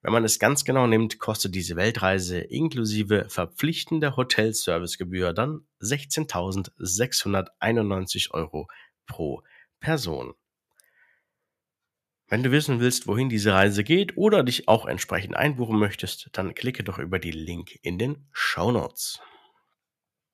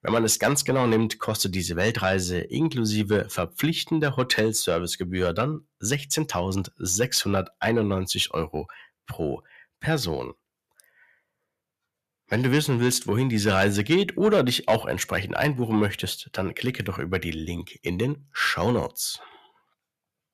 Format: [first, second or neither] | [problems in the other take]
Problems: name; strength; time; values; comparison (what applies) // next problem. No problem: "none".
first | distortion; slight; 10 dB below the speech